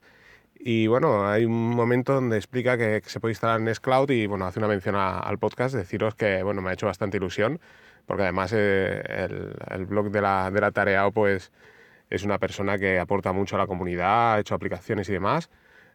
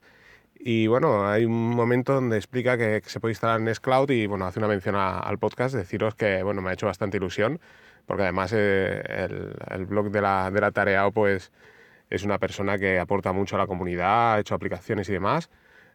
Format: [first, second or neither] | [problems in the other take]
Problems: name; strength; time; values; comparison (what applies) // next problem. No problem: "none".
neither | none